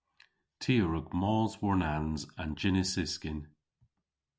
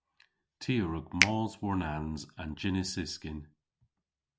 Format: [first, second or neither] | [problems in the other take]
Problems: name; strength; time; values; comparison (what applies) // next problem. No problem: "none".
first | background sound (Finger snapping); 1 dB below the speech